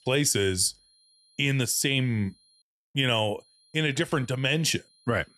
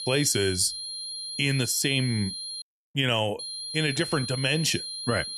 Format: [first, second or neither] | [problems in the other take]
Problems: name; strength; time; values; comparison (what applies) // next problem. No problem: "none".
first | high-pitched whine; loud; until 2.5 s and from 3.5 s on; 4 kHz, 7 dB below the speech; faint in the first